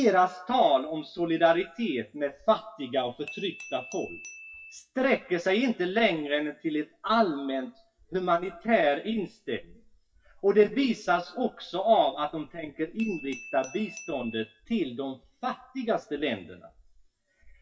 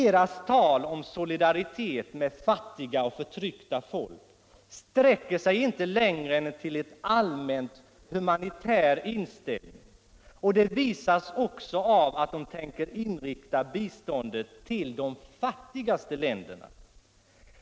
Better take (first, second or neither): second